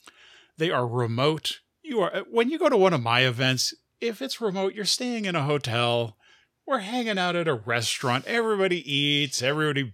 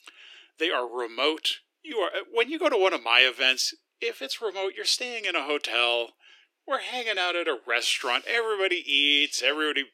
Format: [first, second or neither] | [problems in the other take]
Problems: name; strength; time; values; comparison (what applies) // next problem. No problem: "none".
first | thin; somewhat; fading below 300 Hz